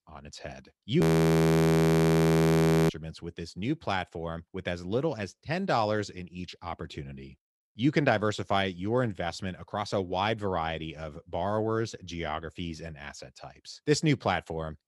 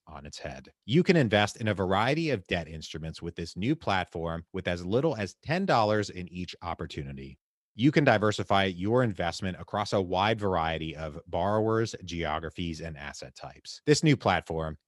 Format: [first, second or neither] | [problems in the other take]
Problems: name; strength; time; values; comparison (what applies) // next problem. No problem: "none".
second | audio freezing; at 1 s for 2 s